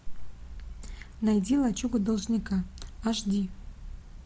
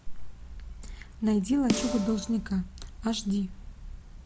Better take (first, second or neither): first